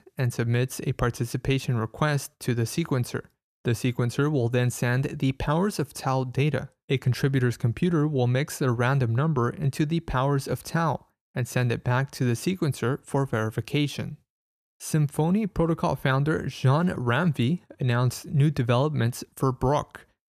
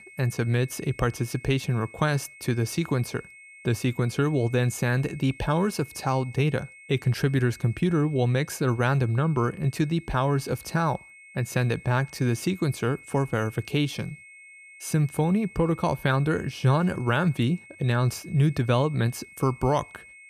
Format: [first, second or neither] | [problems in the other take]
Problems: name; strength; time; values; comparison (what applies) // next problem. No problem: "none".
first | high-pitched whine; faint; throughout; 2 kHz, 20 dB below the speech